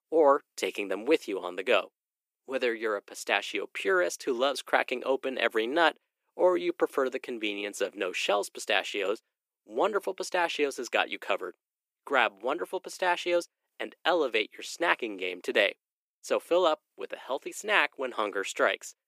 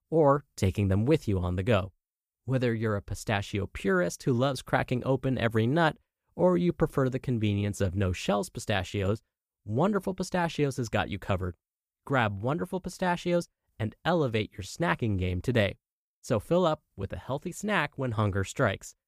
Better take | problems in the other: second | thin; very; fading below 300 Hz

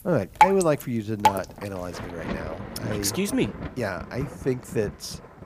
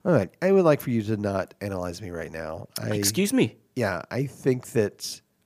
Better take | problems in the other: second | rain or running water; very loud; throughout; as loud as the speech

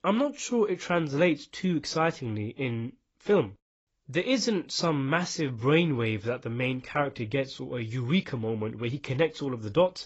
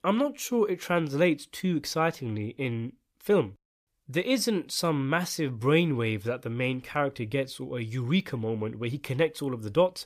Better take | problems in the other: second | garbled, watery; badly; nothing above 7.5 kHz

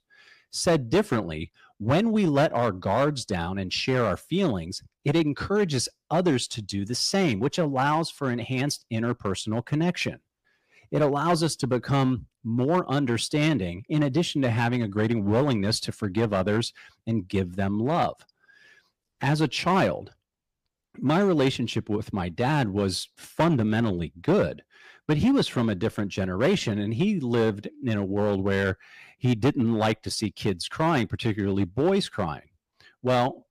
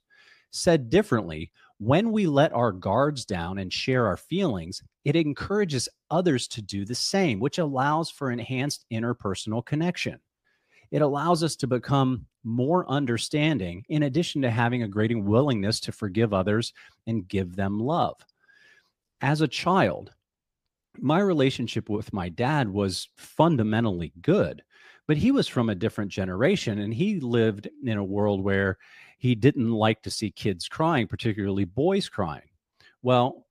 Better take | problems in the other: second | distortion; slight; 4% of the sound clipped

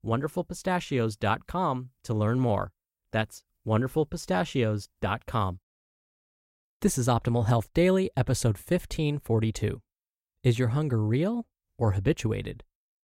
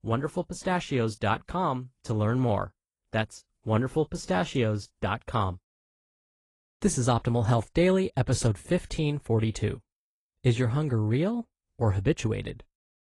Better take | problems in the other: first | garbled, watery; slightly; nothing above 10.5 kHz

